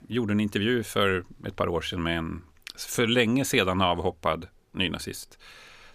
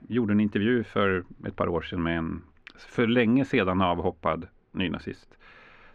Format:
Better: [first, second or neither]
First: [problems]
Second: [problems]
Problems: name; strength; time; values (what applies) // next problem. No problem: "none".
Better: first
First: none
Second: muffled; very; fading above 2 kHz